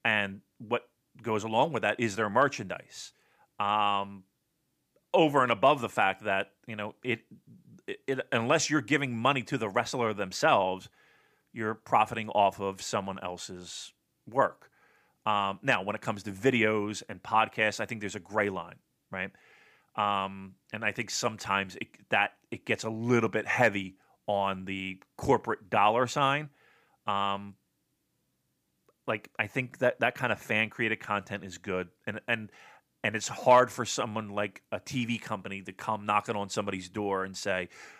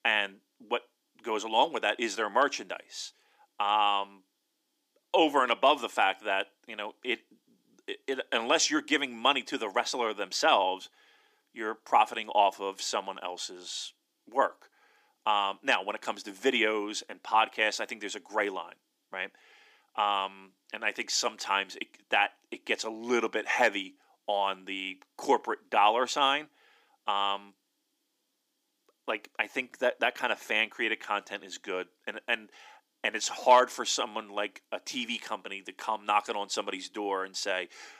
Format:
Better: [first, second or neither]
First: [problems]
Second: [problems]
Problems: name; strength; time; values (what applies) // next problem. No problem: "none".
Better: first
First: none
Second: thin; very slightly; fading below 300 Hz